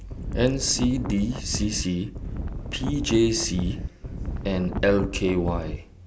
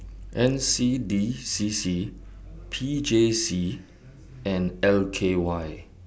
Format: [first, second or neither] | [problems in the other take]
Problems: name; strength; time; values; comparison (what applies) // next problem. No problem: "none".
second | background sound (Wind); 5 dB below the speech